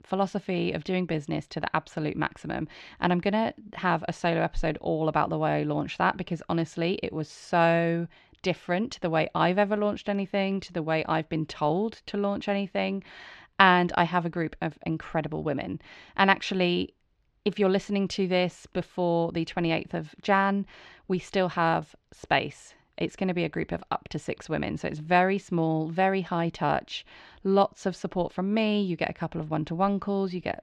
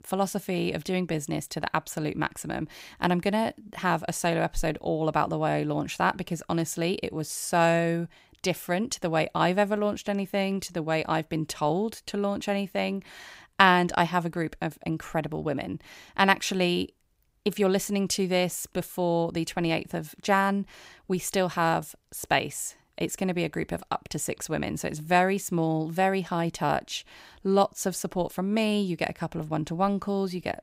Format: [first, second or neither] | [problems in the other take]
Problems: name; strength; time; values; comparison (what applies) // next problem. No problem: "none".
second | muffled; slightly; fading above 4 kHz